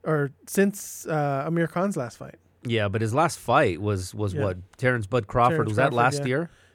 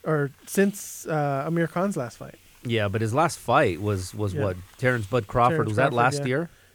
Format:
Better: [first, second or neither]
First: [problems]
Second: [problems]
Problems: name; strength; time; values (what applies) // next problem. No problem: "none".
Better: first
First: none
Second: hiss; faint; throughout; 30 dB below the speech